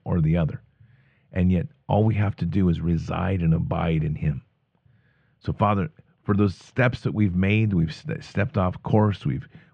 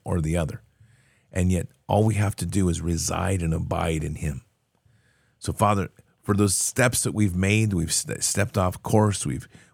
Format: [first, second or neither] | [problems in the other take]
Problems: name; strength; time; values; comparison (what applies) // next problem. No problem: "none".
second | muffled; very; fading above 3.5 kHz